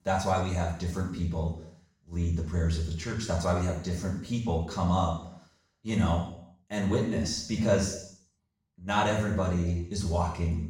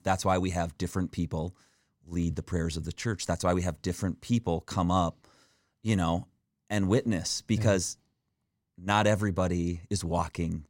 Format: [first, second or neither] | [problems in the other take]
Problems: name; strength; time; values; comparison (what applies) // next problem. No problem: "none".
second | room echo; noticeable; dies away in 0.6 s // off-mic speech; far